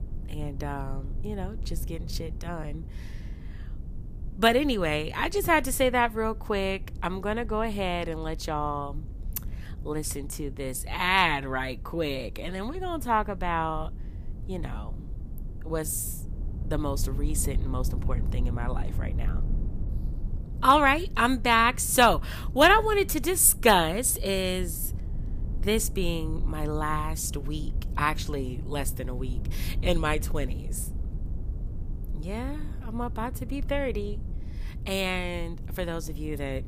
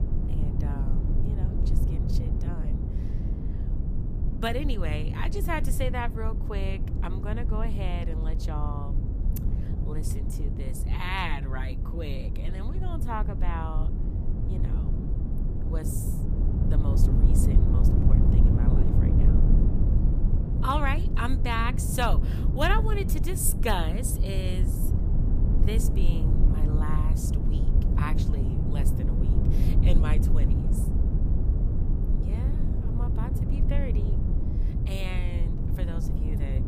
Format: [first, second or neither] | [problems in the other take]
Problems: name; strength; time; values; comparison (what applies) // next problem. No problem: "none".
first | low rumble; loud; throughout; 6 dB below the speech; faint in the first